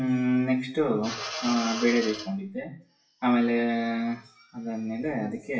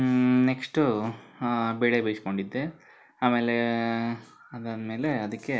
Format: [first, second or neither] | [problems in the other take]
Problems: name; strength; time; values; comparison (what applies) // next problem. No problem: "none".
second | noise reduction (classical method WPE with log-MMSE)